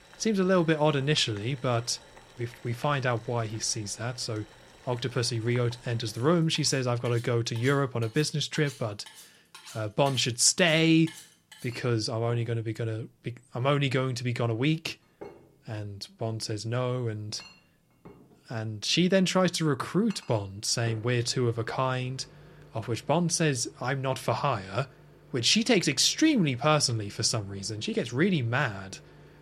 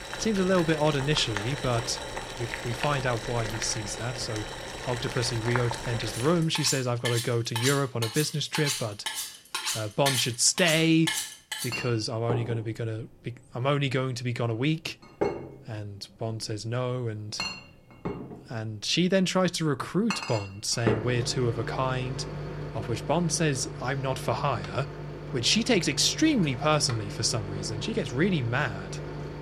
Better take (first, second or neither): first